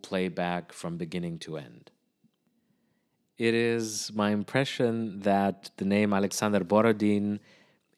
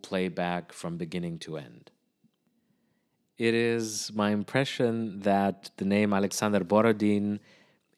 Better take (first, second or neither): neither